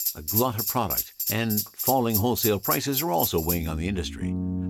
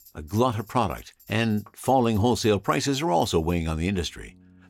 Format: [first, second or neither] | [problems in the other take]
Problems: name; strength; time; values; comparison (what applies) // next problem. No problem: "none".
second | background music; loud; throughout; 1 dB below the speech; faint in the second